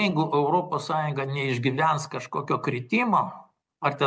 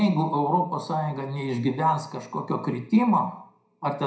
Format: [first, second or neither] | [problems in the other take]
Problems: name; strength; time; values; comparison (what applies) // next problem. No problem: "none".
first | room echo; dies away in 0.4 s